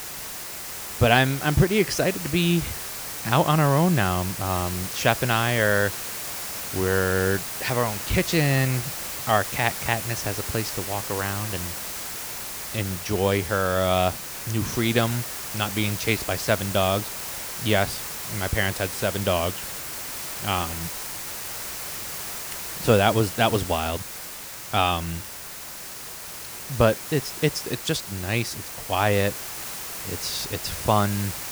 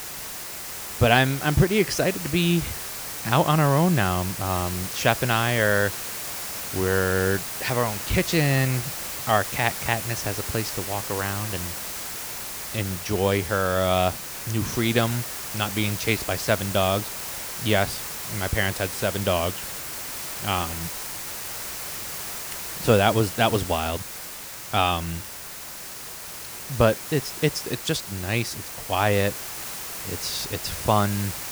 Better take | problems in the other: neither | hiss; loud; throughout; 7 dB below the speech; the same in both

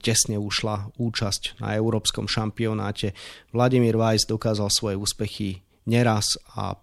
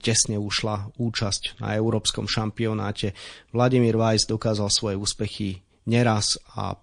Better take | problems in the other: first | garbled, watery; slightly; nothing above 9 kHz

